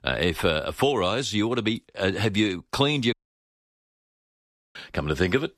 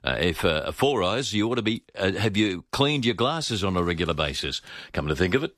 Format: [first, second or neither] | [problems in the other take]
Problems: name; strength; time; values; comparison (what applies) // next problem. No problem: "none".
second | audio cutting out; at 3 s for 1.5 s